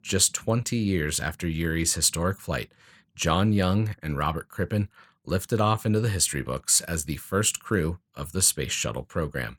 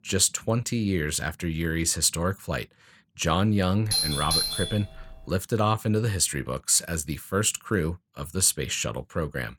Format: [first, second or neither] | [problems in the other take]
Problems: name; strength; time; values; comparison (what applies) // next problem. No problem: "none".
first | doorbell; loud; from 4 to 5 s; peak 2 dB above the speech